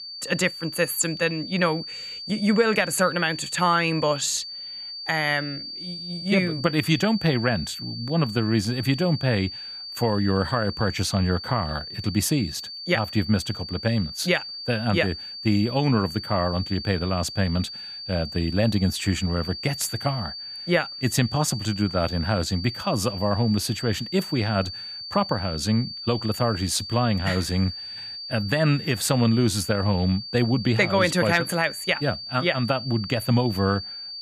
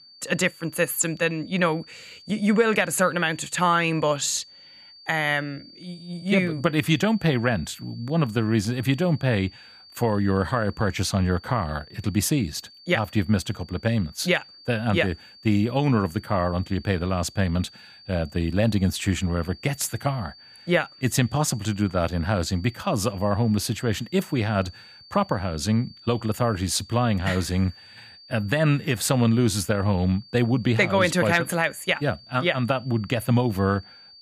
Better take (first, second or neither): second